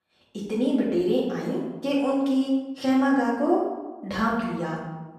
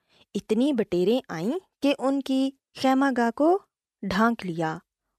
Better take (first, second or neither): second